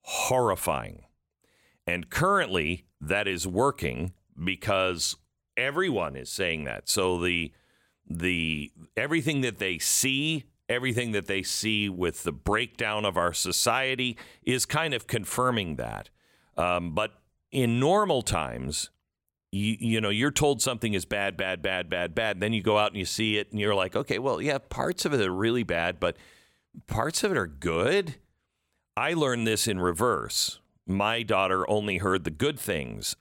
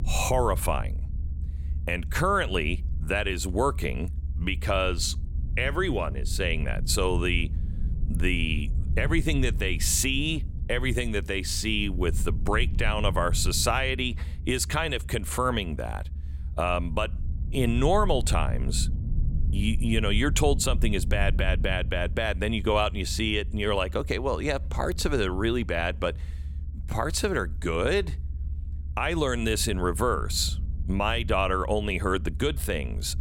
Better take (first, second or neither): first